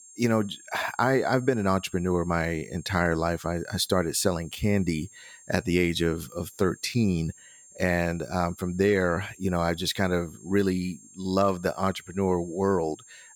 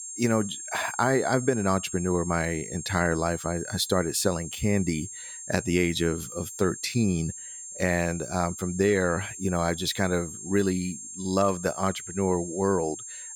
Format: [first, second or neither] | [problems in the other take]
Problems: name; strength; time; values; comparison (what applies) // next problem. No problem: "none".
first | high-pitched whine; loud; throughout; 7.5 kHz, 10 dB below the speech; faint in the first